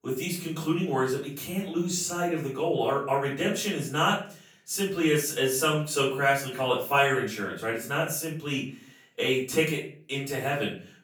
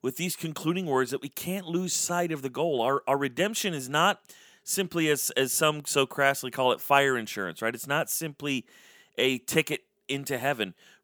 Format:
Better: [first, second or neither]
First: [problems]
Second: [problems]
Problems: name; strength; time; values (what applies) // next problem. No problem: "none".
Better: second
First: off-mic speech; far // room echo; slight; dies away in 0.4 s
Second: none